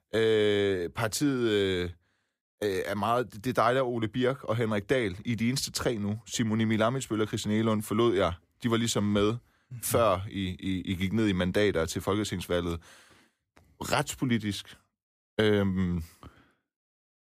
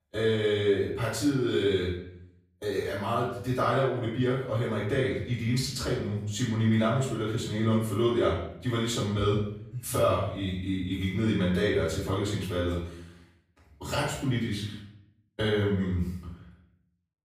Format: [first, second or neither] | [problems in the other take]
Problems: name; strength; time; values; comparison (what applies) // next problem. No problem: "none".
first | off-mic speech; far // room echo; noticeable; dies away in 0.6 s